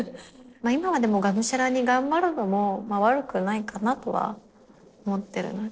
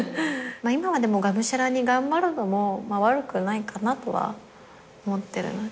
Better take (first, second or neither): second